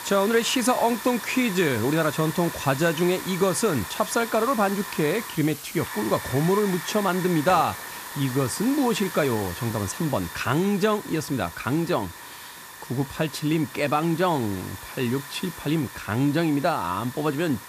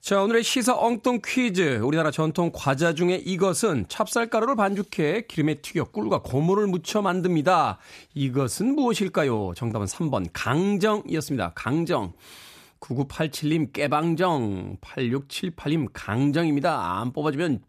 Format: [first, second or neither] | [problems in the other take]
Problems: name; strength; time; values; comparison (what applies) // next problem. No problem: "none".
second | hiss; noticeable; throughout; 10 dB below the speech